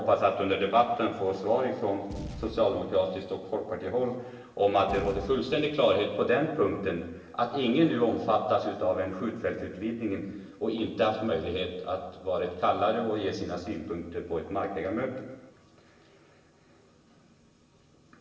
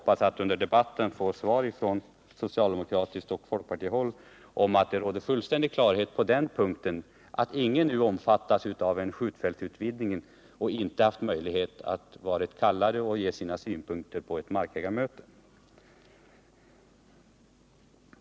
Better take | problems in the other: second | background sound (Boom); 15 dB below the speech // room echo; dies away in 1 s

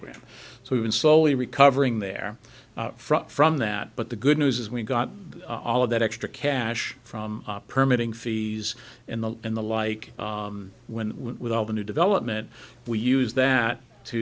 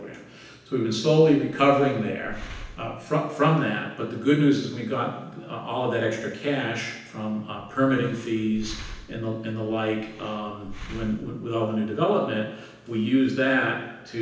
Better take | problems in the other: first | background sound (Breathing); 16 dB below the speech // room echo; dies away in 0.9 s

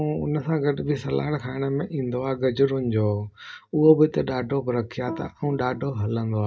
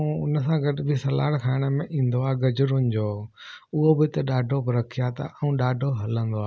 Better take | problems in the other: second | noise reduction (neural mask model DeepFilterNet 3)

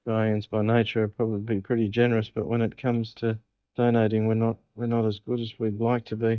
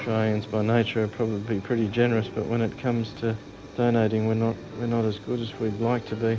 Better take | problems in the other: second | noise reduction (neural mask model DeepFilterNet 3)

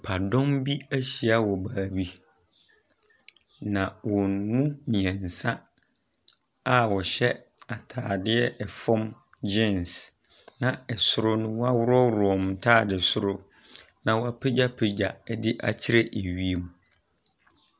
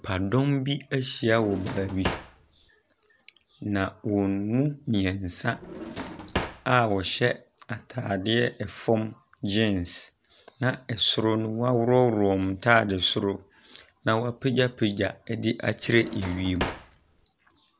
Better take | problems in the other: first | background sound (Drawer open or close); 9 dB below the speech

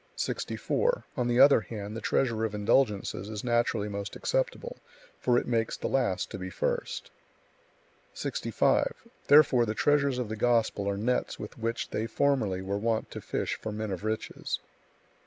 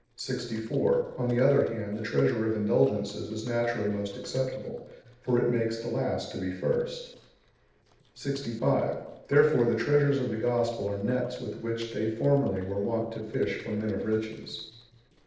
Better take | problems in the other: first | noise reduction (neural separator model SepFormer DNS4)

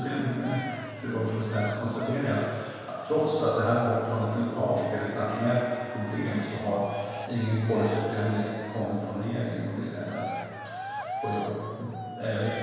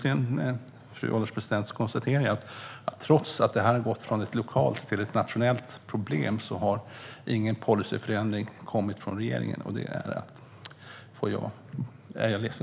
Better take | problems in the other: second | background sound (Cheering); 12 dB below the speech // room echo; dies away in 1.9 s

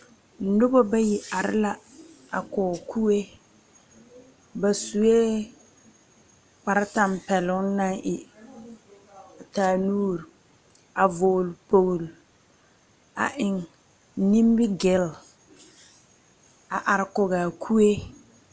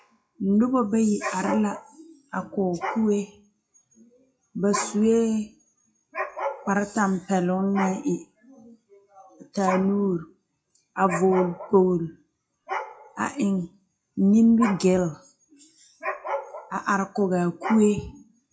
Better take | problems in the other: first | noise reduction (classical method WPE with log-MMSE)

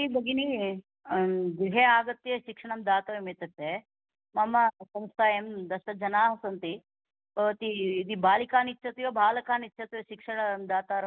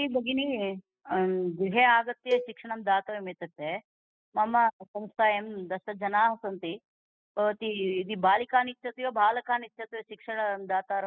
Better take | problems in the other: first | noise reduction (classical method spectral subtraction)

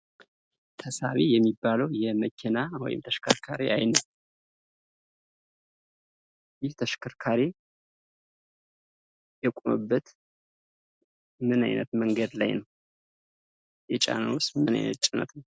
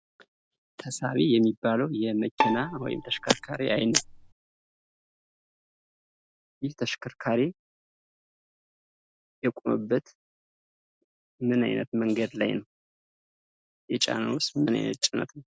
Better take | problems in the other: first | background sound (Bowed string instrument); 4 dB below the speech

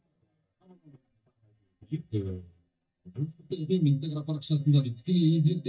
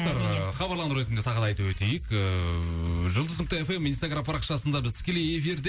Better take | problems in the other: second | noise reduction (neural mask model DeepFilterNet 3)

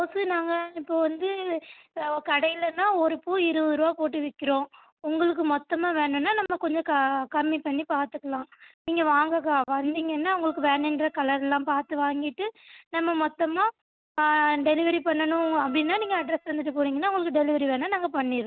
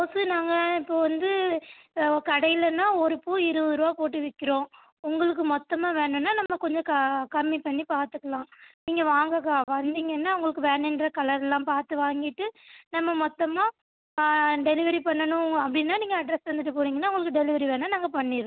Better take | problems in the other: second | noise reduction (neural mask model DeepFilterNet 3)

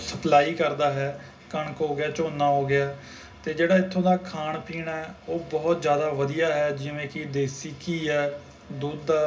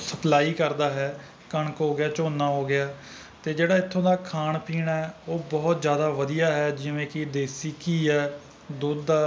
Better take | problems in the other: second | room echo; dies away in 0.4 s

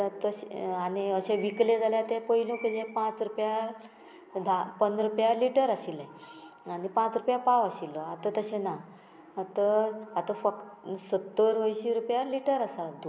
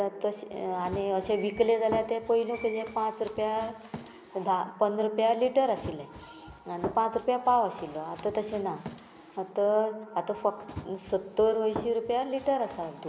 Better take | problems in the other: first | background sound (Run); 16 dB below the speech

